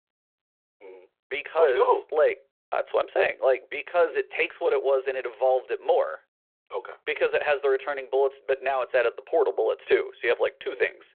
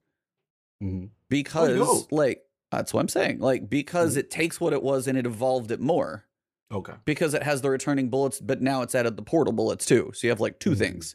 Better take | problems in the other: second | phone-call audio

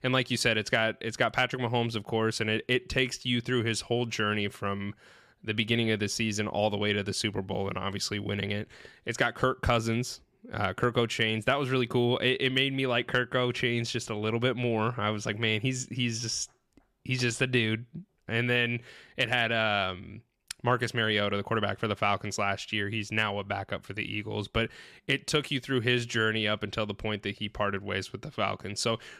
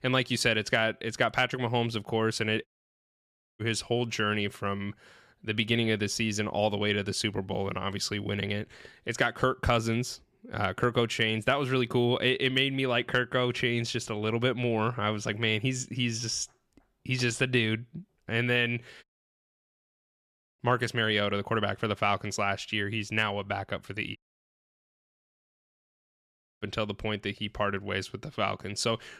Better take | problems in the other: first | audio cutting out; at 2.5 s for 1 s, at 19 s for 1.5 s and at 24 s for 2.5 s

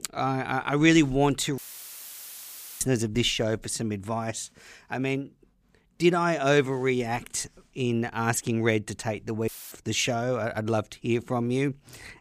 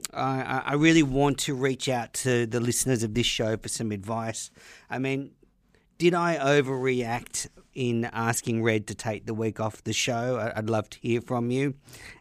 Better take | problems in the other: second | audio cutting out; filled with static; at 1.5 s for 1 s and at 9.5 s

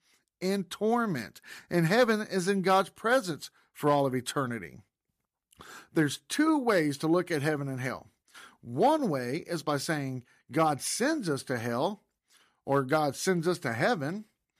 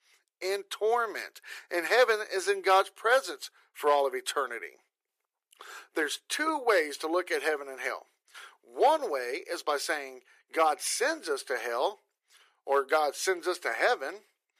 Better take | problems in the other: first | thin; very; fading below 400 Hz

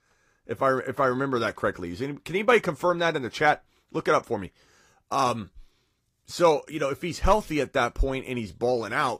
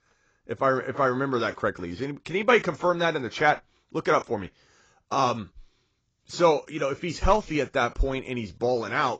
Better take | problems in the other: first | garbled, watery; badly; nothing above 7.5 kHz; slightly in the first

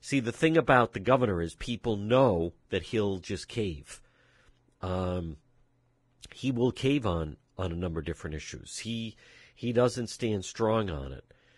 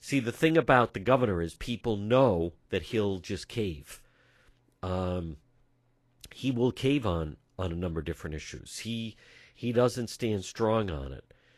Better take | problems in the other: second | garbled, watery; badly; nothing above 10.5 kHz; slightly in the second

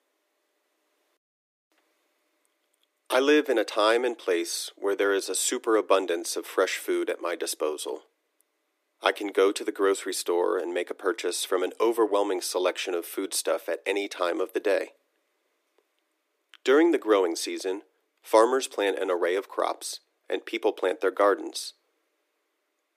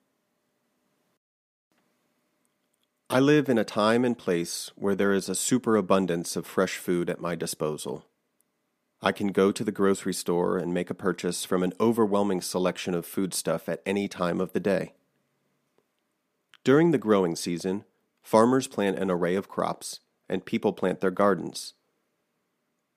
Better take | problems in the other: second | thin; somewhat; fading below 300 Hz

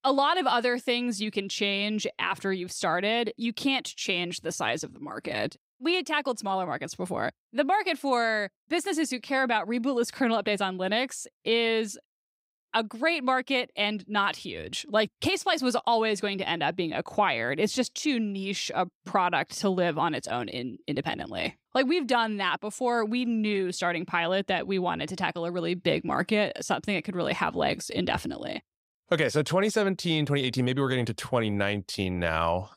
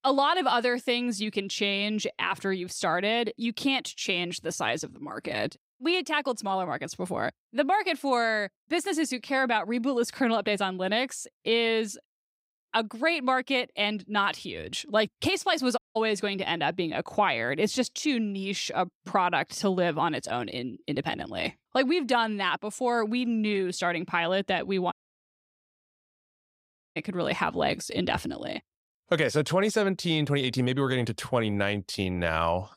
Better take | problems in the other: first | audio cutting out; at 16 s and at 25 s for 2 s

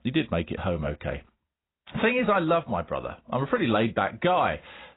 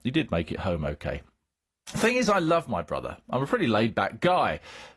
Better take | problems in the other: second | garbled, watery; badly; nothing above 4 kHz; slightly in the second

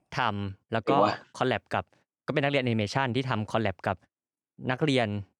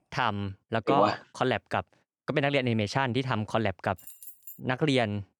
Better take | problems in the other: first | jangling keys; faint; at 4 s; peak 15 dB below the speech

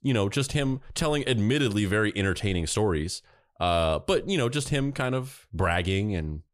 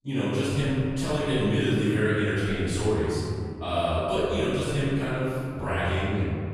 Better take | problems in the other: first | room echo; strong; dies away in 2.2 s // off-mic speech; far

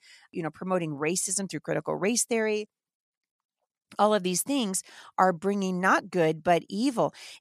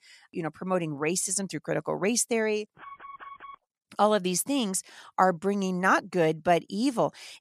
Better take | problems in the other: first | alarm; faint; at 3 s; peak 15 dB below the speech

